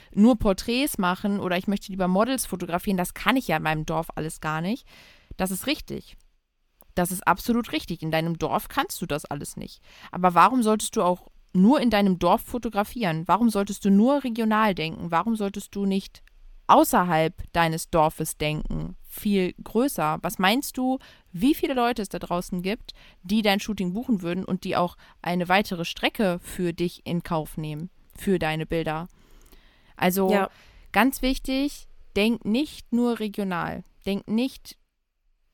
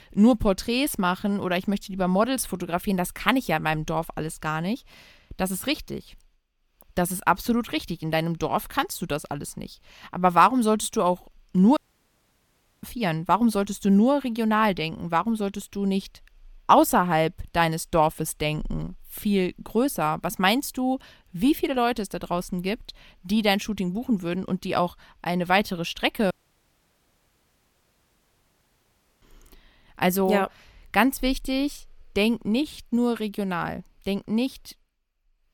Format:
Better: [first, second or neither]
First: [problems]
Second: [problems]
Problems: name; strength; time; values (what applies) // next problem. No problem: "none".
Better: first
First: none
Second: audio cutting out; at 12 s for 1 s and at 26 s for 3 s